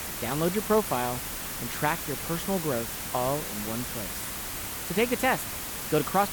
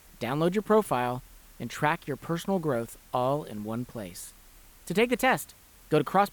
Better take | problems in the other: second | hiss; loud; throughout; 3 dB below the speech; faint in the second

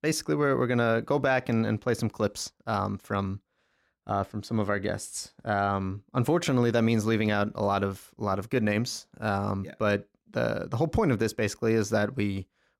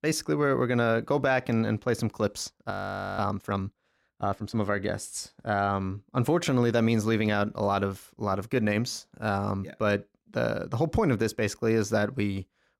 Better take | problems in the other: first | audio freezing; at 2.5 s

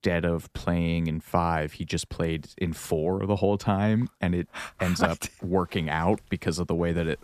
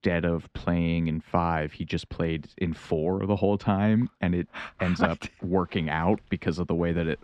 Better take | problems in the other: first | muffled; slightly; fading above 3 kHz

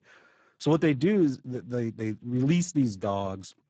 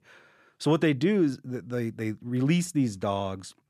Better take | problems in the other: second | garbled, watery; badly; nothing above 7.5 kHz

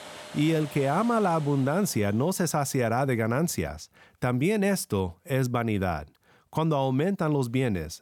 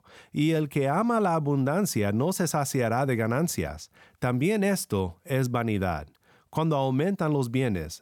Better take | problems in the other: second | household noises; noticeable; throughout; 20 dB below the speech

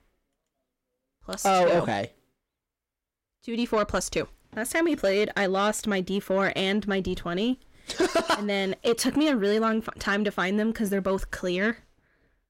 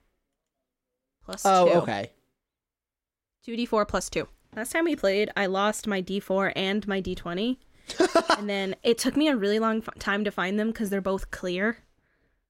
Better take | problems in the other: second | distortion; slight; 10 dB below the speech

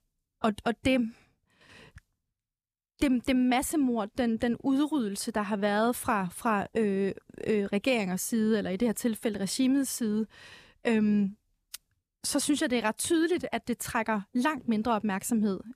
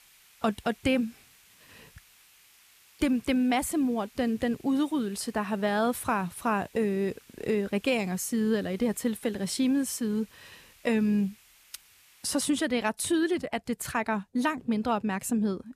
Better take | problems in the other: first | hiss; faint; until 12 s; 25 dB below the speech

